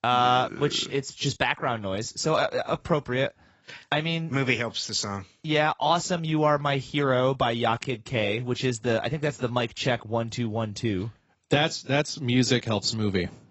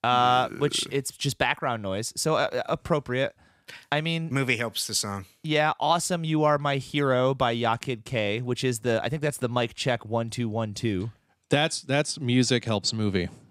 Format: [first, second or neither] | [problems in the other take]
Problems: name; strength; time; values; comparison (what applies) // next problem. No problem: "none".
second | garbled, watery; badly; nothing above 8 kHz